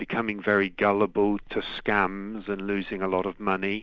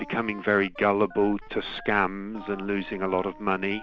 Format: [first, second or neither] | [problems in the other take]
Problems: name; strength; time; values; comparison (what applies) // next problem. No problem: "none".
first | background sound (Telephone + Wind instrument, woodwind instrument); 19 dB below the speech